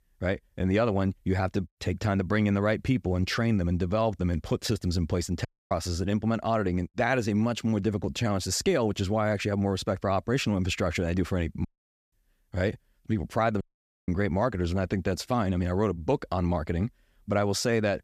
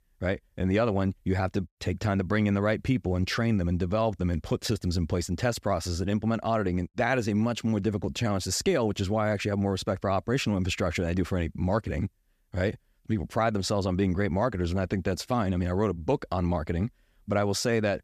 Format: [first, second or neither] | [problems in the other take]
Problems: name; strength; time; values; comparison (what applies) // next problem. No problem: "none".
second | audio cutting out; at 5.5 s, at 12 s and at 14 s